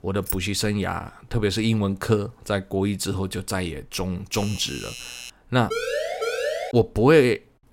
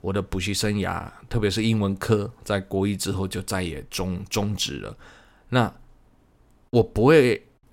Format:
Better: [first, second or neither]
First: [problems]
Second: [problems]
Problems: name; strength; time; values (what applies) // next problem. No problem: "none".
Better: second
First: jangling keys; noticeable; at 0.5 s; peak 7 dB below the speech // doorbell; faint; from 4.5 to 5.5 s; peak 10 dB below the speech // siren; noticeable; from 5.5 to 6.5 s; peak 2 dB below the speech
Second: none